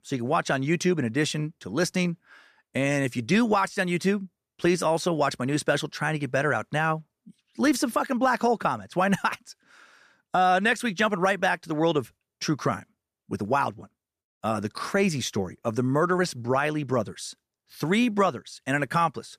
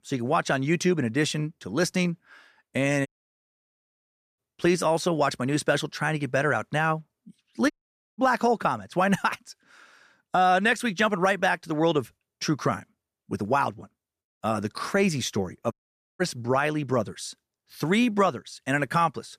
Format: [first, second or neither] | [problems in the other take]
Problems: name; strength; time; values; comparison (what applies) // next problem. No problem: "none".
first | audio cutting out; at 3 s for 1.5 s, at 7.5 s and at 16 s